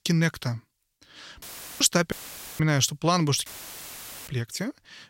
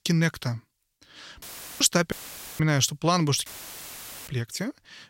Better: neither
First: audio cutting out; filled with static; at 1.5 s, at 2 s and at 3.5 s for 1 s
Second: audio cutting out; filled with static; at 1.5 s, at 2 s and at 3.5 s for 1 s

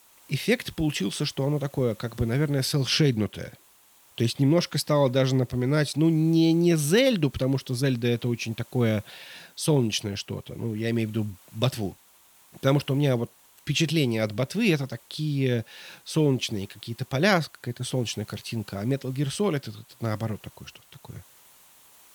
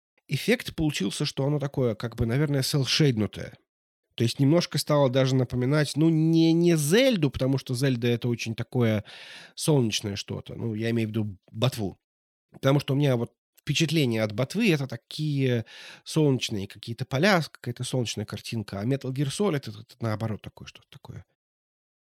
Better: second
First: hiss; faint; throughout; 25 dB below the speech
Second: none

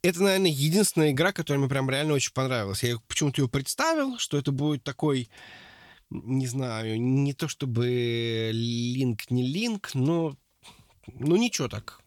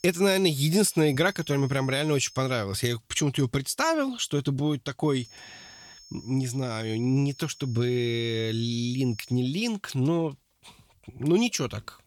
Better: first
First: none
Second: high-pitched whine; faint; until 2.5 s and from 5 to 9.5 s; 5.5 kHz, 20 dB below the speech

